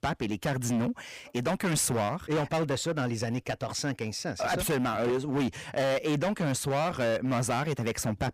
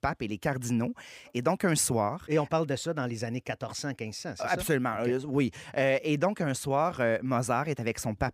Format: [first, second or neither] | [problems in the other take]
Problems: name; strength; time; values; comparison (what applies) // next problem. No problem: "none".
second | distortion; heavy; 19% of the sound clipped